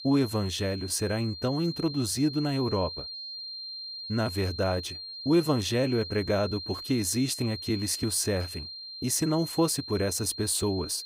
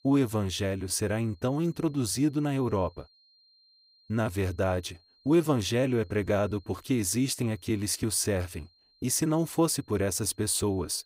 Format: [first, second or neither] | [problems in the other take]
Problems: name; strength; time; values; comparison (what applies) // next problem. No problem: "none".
second | high-pitched whine; loud; throughout; 4 kHz, 9 dB below the speech; faint in the second